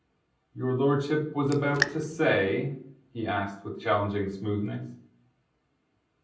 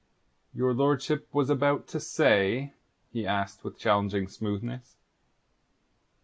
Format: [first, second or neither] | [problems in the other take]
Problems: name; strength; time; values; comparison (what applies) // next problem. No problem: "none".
second | background sound (Raindrop); 6 dB below the speech // room echo; dies away in 0.6 s